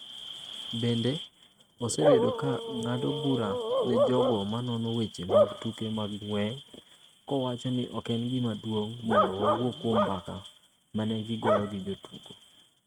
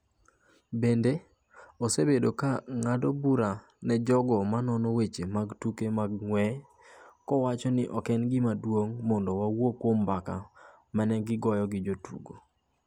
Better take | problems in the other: second | noise reduction (neural mask model RNNoise)

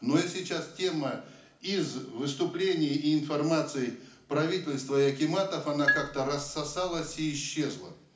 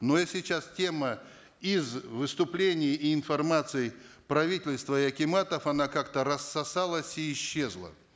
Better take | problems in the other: second | background sound (Marimba, xylophone); 4 dB below the speech // room echo; dies away in 0.4 s

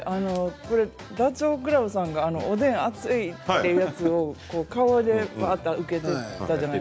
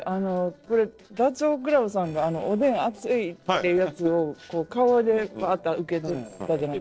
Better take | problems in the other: first | noise reduction (neural separator model SepFormer DNS4)

